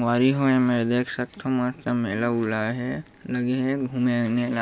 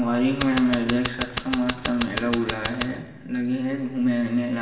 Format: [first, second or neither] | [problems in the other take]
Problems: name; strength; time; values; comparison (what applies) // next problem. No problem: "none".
first | background sound (Scissors); 7 dB below the speech // room echo; dies away in 1.2 s